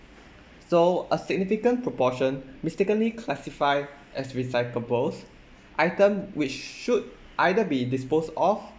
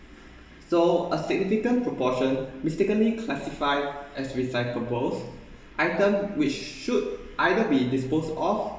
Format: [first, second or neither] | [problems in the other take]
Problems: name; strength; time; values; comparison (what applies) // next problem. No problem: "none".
first | room echo; dies away in 1 s